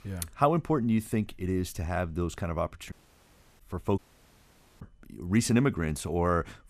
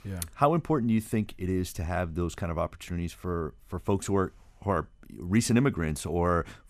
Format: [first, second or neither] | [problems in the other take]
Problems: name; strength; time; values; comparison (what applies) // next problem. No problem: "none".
second | audio cutting out; at 3 s for 0.5 s and at 4 s for 1 s